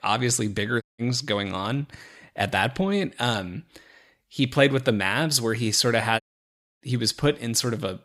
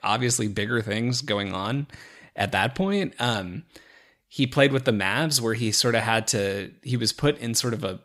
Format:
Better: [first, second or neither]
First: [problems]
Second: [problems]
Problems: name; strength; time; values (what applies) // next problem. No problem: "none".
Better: second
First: audio cutting out; at 1 s and at 6 s for 0.5 s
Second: none